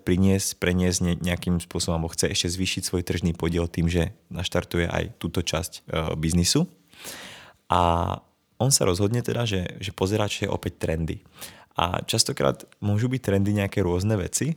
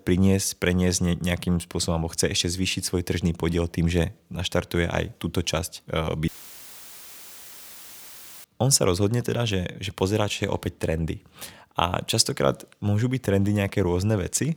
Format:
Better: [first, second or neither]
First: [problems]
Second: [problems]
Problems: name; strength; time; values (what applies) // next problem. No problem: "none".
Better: first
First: none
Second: audio cutting out; filled with static; at 6.5 s for 2 s